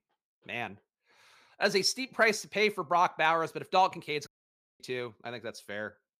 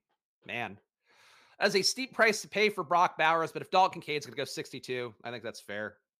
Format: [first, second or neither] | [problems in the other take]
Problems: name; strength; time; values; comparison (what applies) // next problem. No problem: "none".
second | audio cutting out; at 4.5 s for 0.5 s